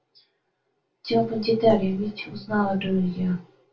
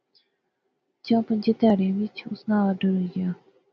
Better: second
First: room echo; dies away in 0.2 s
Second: none

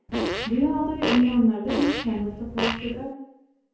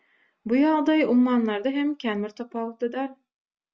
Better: second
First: background sound (Fart); 5 dB below the speech // room echo; dies away in 0.9 s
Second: none

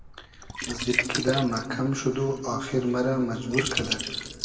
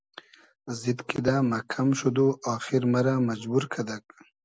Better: second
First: background sound (Liquid); 6 dB below the speech // room echo; dies away in 1.9 s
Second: none

